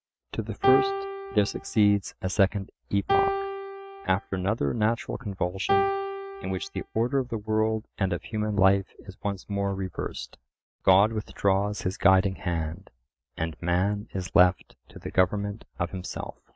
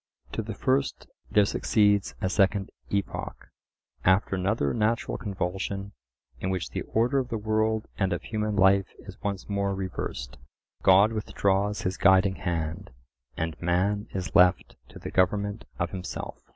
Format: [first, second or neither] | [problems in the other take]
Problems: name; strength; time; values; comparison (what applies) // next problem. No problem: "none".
second | noise reduction (neural mask model RNNoise)